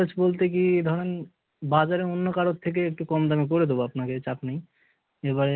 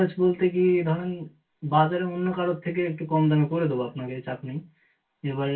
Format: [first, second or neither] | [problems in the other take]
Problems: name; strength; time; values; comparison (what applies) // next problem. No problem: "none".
first | room echo; dies away in 0.2 s